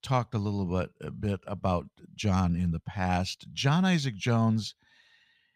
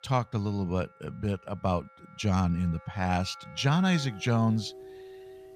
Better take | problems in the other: first | background music; noticeable; throughout; 20 dB below the speech

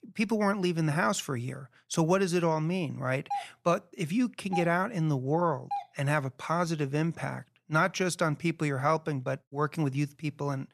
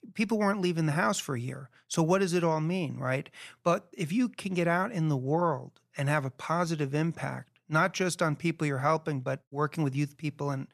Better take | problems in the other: second | doorbell; noticeable; from 3.5 to 6 s; peak 7 dB below the speech

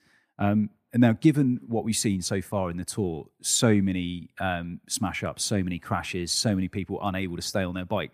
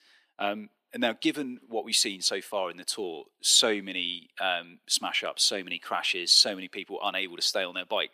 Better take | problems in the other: first | thin; somewhat; fading below 400 Hz

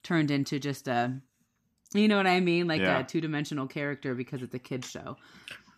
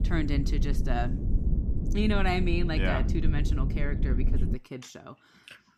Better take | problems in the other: first | low rumble; loud; until 4.5 s; 9 dB below the speech

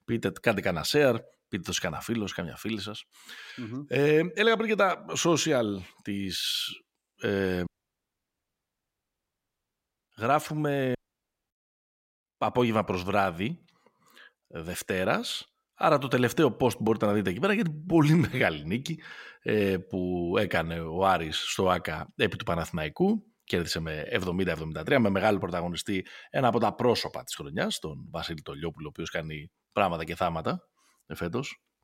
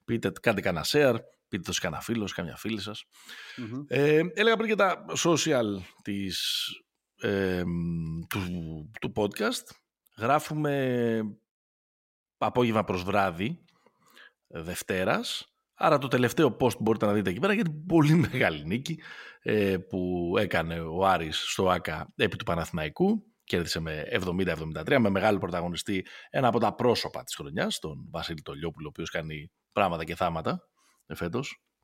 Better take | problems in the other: second | audio cutting out; at 7.5 s for 2.5 s and at 11 s for 0.5 s

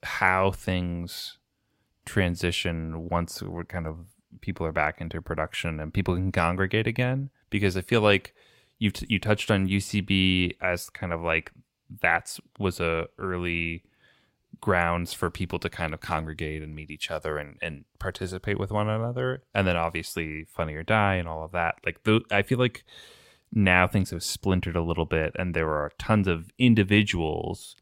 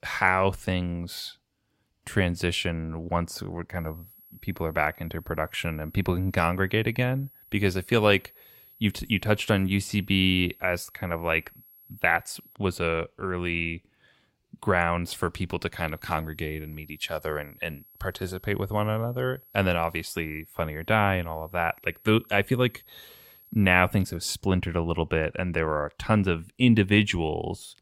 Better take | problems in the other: first | high-pitched whine; faint; from 4 to 13 s and from 16 to 24 s; 11.5 kHz, 25 dB below the speech

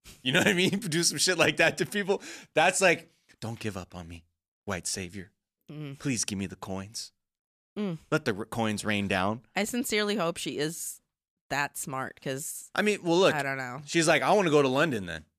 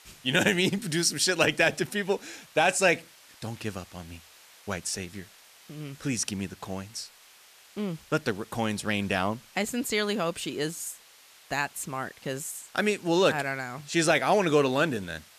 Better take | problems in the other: first | hiss; faint; throughout; 25 dB below the speech

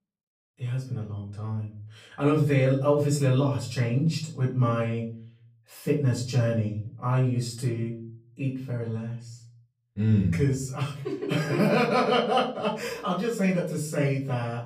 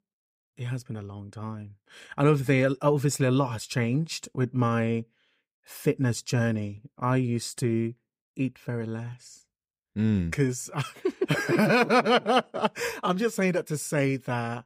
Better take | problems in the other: second | off-mic speech; far // room echo; slight; dies away in 0.5 s

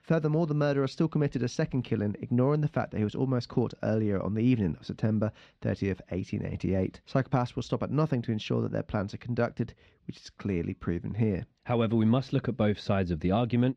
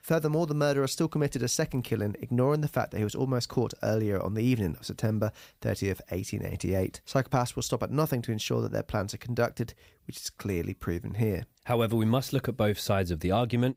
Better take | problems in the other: second | muffled; slightly; fading above 4 kHz

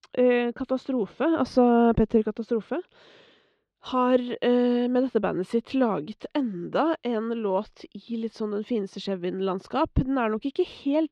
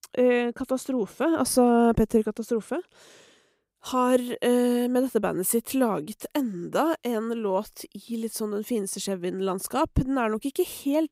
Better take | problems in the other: second | muffled; slightly; fading above 4 kHz

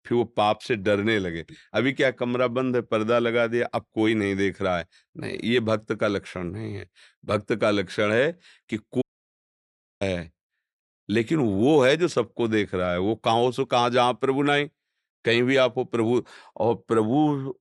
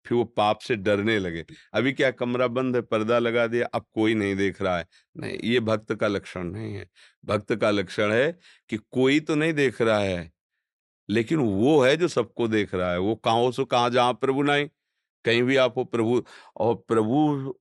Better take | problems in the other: second | audio cutting out; at 9 s for 1 s

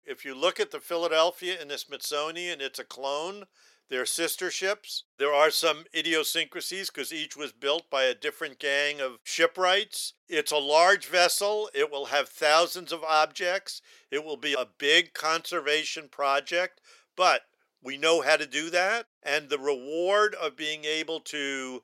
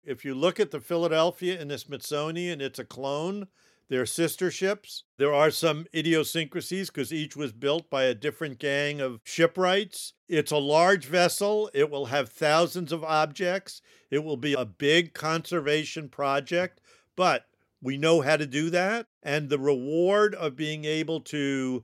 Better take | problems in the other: second | thin; somewhat; fading below 550 Hz

